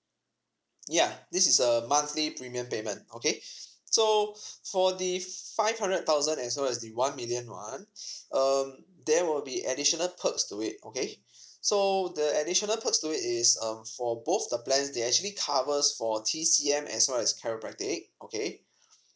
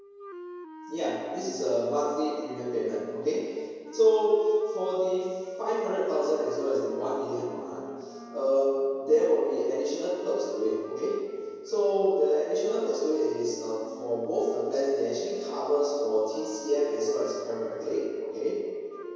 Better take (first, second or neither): first